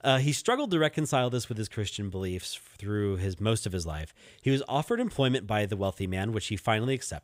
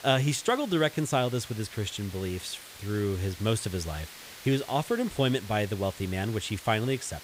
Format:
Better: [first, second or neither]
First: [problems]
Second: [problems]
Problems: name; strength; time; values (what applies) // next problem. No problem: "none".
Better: first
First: none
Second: hiss; noticeable; throughout; 15 dB below the speech